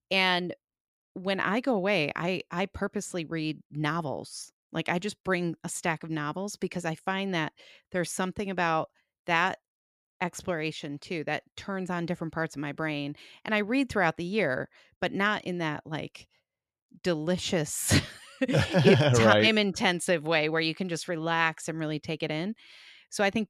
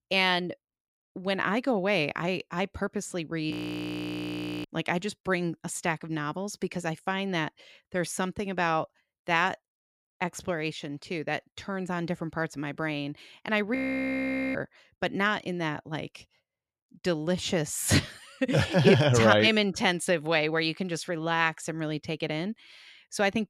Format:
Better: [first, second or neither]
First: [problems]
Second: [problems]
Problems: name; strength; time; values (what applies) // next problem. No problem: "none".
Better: first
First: none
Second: audio freezing; at 3.5 s for 1 s and at 14 s for 1 s